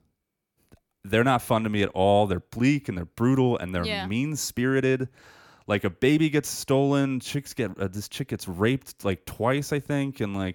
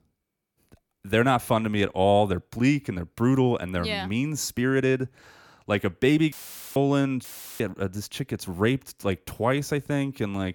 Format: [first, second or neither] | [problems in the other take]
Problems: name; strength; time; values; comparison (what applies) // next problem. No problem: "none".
first | audio cutting out; filled with static; at 6.5 s and at 7 s